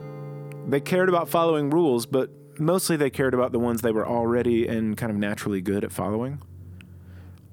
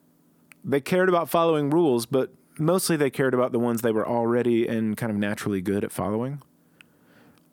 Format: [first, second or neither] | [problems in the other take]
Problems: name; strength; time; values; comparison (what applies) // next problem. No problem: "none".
second | background music; noticeable; throughout; 20 dB below the speech